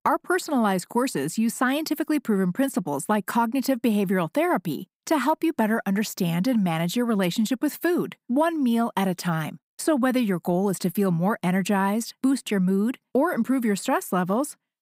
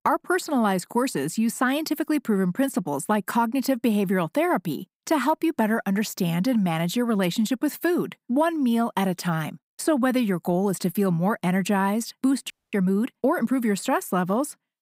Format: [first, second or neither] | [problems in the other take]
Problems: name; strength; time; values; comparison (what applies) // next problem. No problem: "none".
first | audio freezing; at 13 s